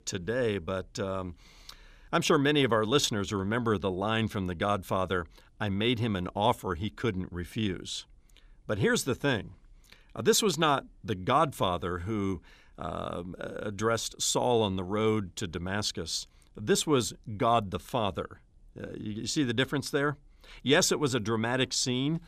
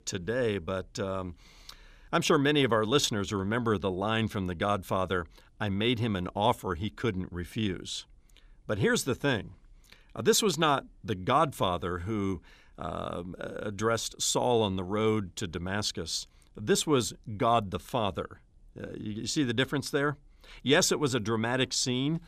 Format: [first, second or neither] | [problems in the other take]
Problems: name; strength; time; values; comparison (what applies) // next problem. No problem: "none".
neither | none